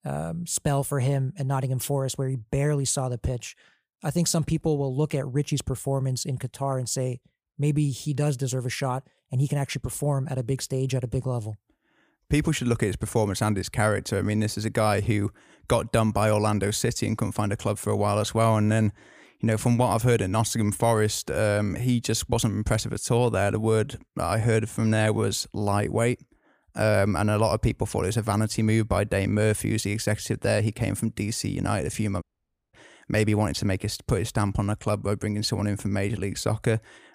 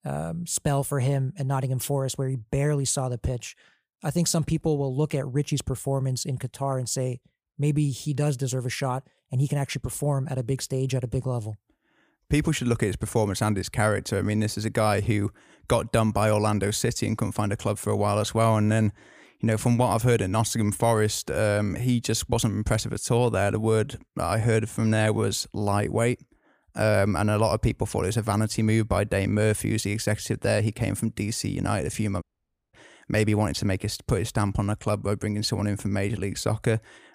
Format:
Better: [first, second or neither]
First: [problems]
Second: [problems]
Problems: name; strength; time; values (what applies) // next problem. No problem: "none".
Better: neither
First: audio cutting out; at 32 s for 0.5 s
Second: audio cutting out; at 32 s for 0.5 s